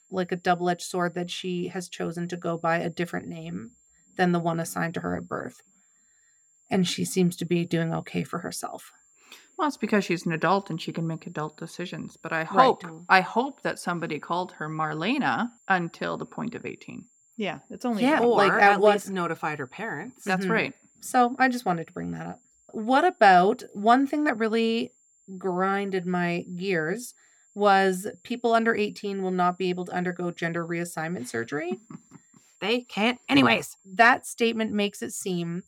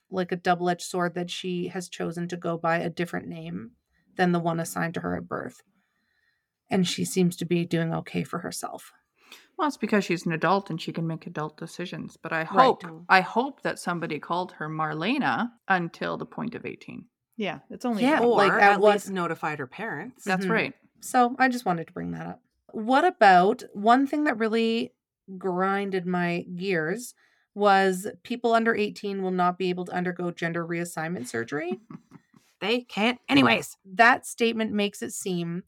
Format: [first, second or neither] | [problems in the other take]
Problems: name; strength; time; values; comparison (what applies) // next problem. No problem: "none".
second | high-pitched whine; faint; throughout; 7.5 kHz, 35 dB below the speech